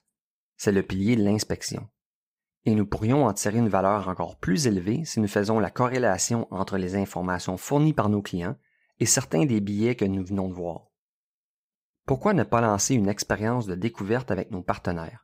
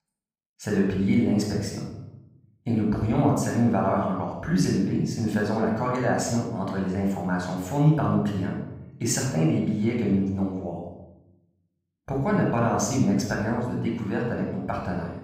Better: first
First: none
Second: off-mic speech; somewhat distant // room echo; noticeable; dies away in 0.9 s

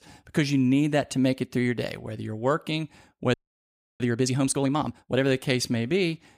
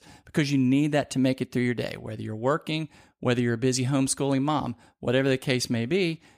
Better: second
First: audio freezing; at 3.5 s for 0.5 s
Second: none

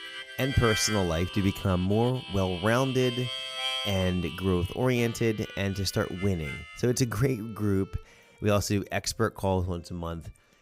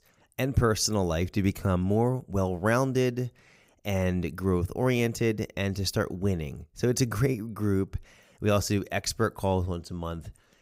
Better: second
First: background music; loud; throughout; 8 dB below the speech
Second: none

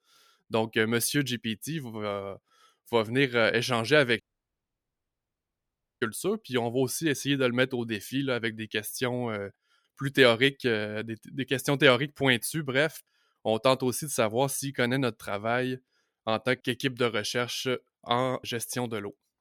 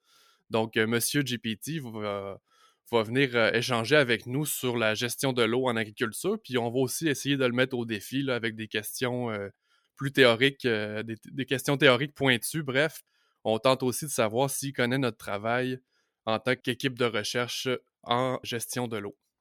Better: second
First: audio cutting out; at 4 s for 2 s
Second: none

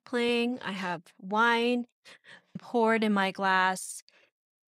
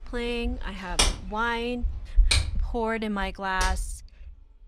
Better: first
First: none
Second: household noises; very loud; throughout; 2 dB above the speech

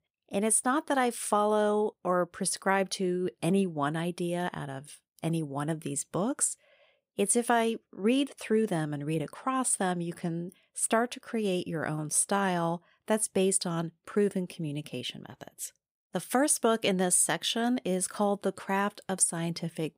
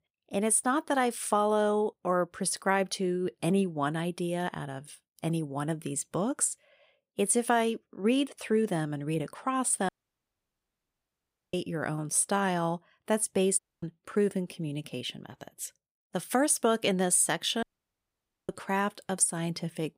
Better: first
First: none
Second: audio cutting out; at 10 s for 1.5 s, at 14 s and at 18 s for 1 s

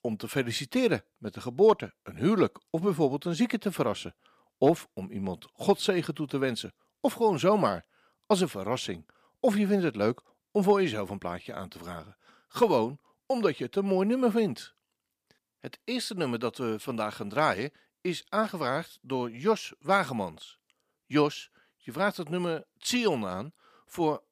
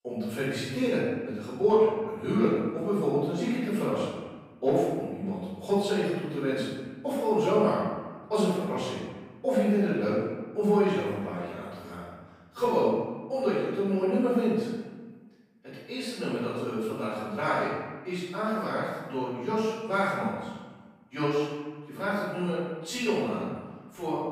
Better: first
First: none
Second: off-mic speech; far // room echo; strong; dies away in 1.2 s

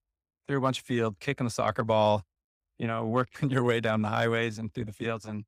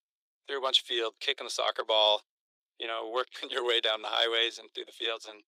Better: first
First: none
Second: thin; very; fading below 350 Hz

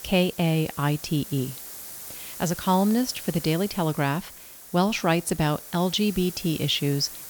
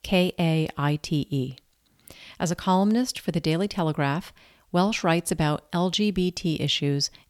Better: second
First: hiss; noticeable; throughout; 10 dB below the speech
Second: none

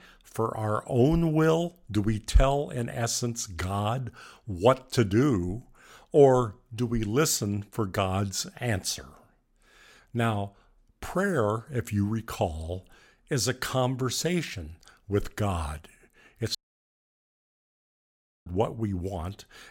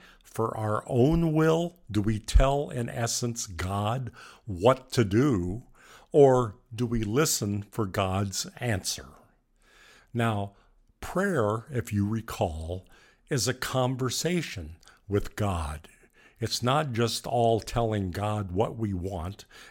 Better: second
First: audio cutting out; at 17 s for 2 s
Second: none

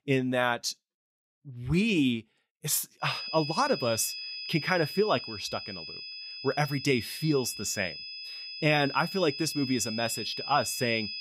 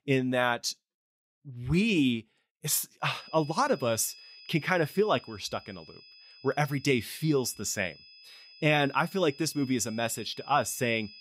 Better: second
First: high-pitched whine; loud; from 3 s on; 5 kHz, 8 dB below the speech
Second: high-pitched whine; faint; from 3 s on; 5 kHz, 20 dB below the speech

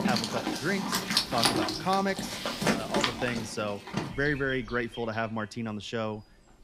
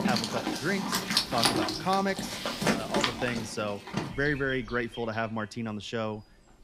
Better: neither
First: animal sounds; very loud; throughout; 3 dB above the speech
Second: animal sounds; very loud; throughout; 3 dB above the speech

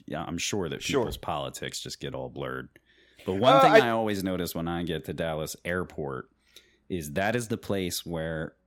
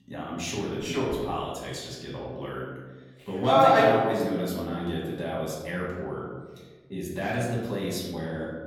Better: first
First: none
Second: room echo; noticeable; dies away in 1.2 s // off-mic speech; far

